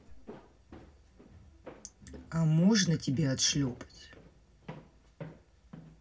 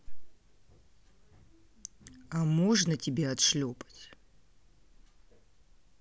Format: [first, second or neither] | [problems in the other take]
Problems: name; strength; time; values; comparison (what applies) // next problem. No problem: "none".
second | background sound (Walk, footsteps); 20 dB below the speech // room echo; dies away in 0.4 s